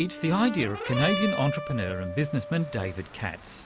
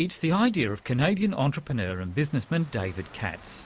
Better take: second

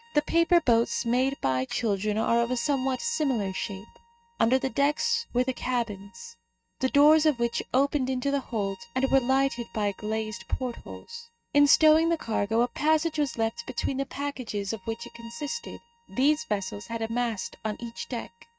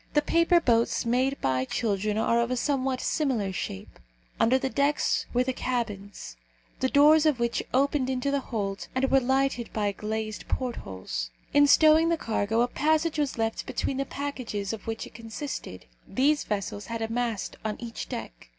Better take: second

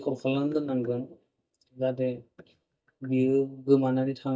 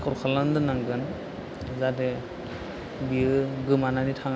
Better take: second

